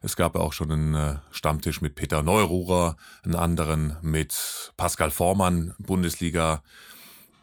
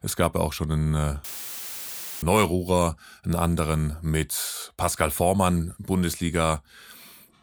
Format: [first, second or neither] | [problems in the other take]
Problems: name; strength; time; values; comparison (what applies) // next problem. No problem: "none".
first | audio cutting out; filled with static; at 1 s for 1 s